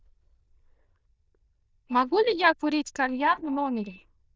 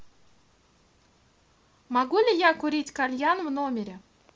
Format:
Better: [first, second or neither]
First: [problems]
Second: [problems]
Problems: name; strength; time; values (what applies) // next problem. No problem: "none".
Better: second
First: noise reduction (neural diffusion model UNIVERSE++)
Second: none